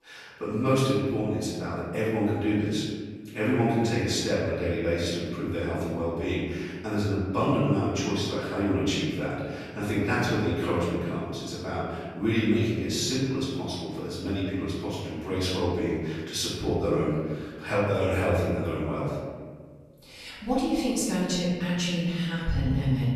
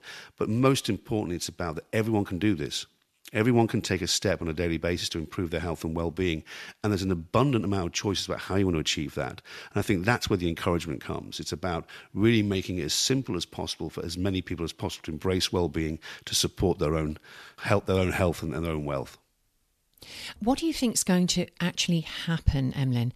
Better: second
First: off-mic speech; far // room echo; strong; dies away in 1.6 s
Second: none

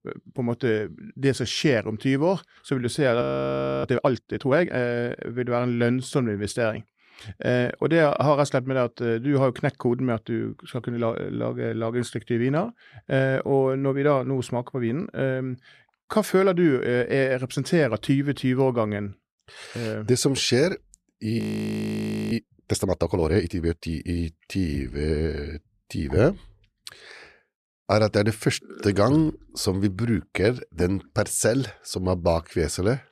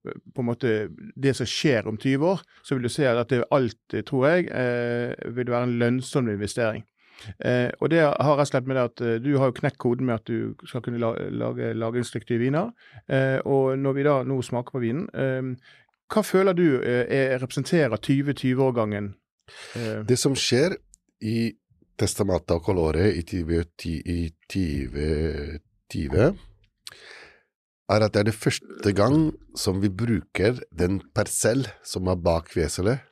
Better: second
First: audio freezing; at 3 s for 0.5 s and at 21 s for 1 s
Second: none

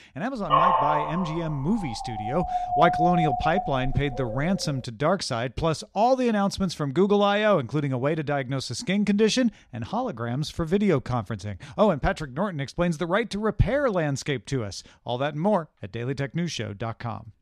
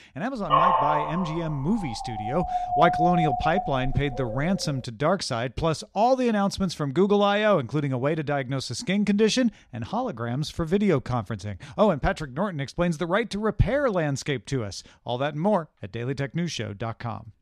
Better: neither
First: dog barking; loud; until 4.5 s; peak 6 dB above the speech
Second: dog barking; loud; until 4.5 s; peak 6 dB above the speech

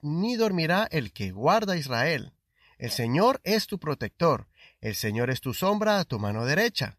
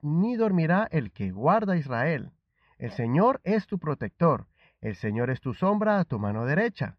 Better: first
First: none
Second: muffled; very; fading above 1.5 kHz

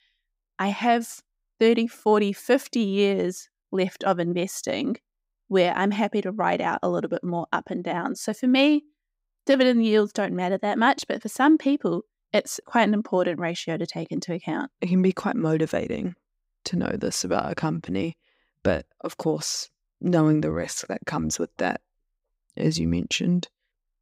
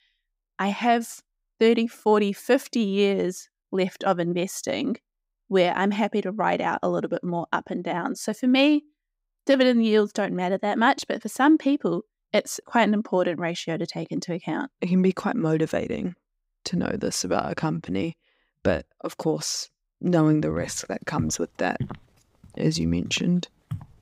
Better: first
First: none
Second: footsteps; faint; from 21 s on; peak 10 dB below the speech

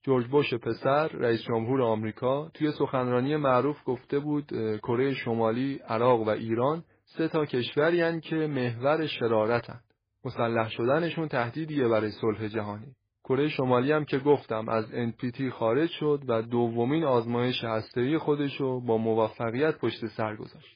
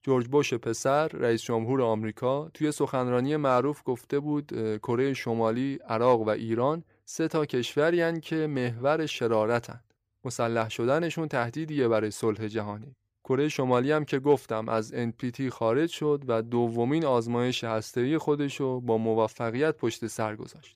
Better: second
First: garbled, watery; badly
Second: none

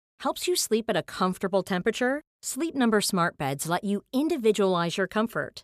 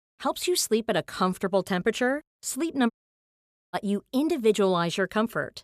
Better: first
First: none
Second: audio cutting out; at 3 s for 1 s

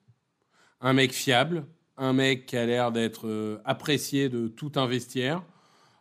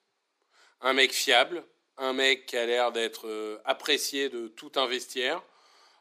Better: first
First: none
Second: thin; somewhat; fading below 350 Hz

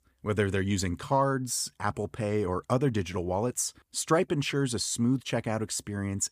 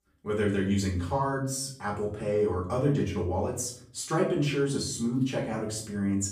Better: first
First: none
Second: off-mic speech; far // room echo; slight; dies away in 0.5 s

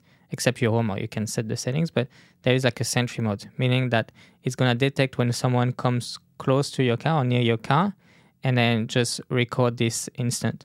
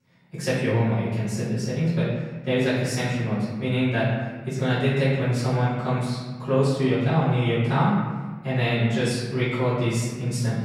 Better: first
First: none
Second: off-mic speech; far // room echo; strong; dies away in 1.4 s

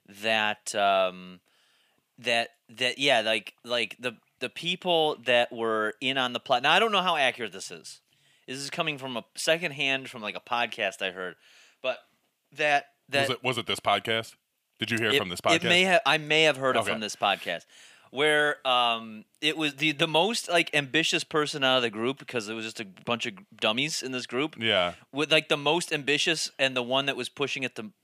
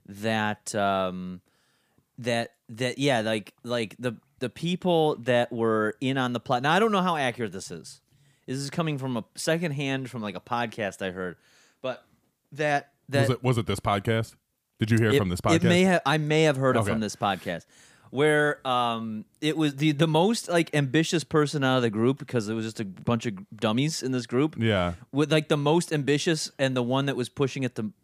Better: second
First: thin; somewhat; fading below 550 Hz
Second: none

